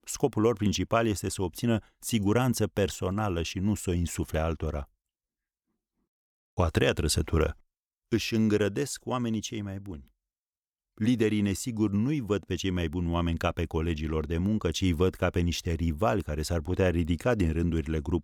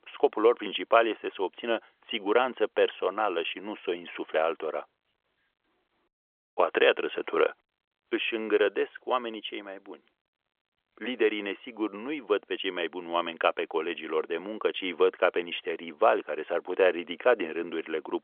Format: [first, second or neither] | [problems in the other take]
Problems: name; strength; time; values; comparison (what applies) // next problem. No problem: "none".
first | phone-call audio; nothing above 3.5 kHz